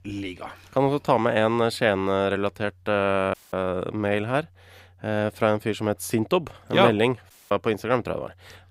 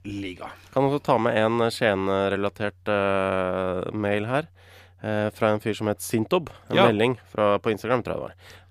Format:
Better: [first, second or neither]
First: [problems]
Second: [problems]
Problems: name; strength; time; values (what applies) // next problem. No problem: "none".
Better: second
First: audio cutting out; at 3.5 s and at 7.5 s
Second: none